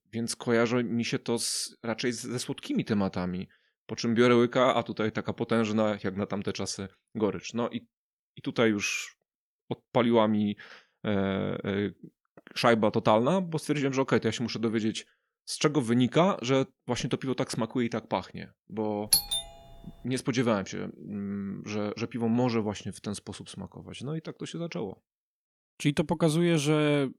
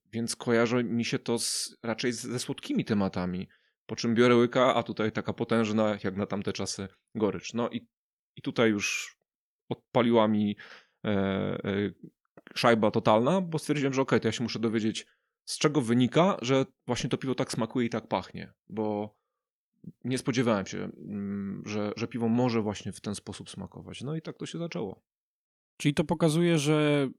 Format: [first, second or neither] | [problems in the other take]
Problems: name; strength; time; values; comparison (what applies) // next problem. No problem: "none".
second | doorbell; loud; at 19 s; peak 5 dB above the speech